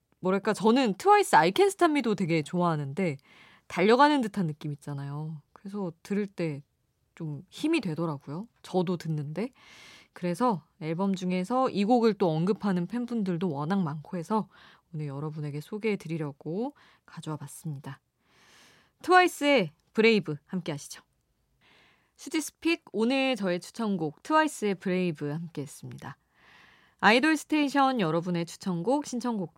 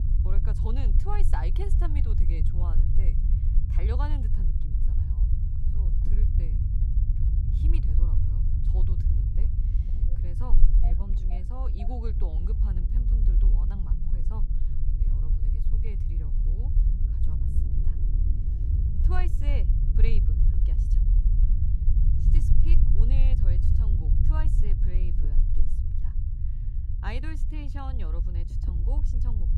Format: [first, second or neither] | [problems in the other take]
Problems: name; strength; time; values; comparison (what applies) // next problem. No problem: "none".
first | low rumble; loud; throughout; 2 dB below the speech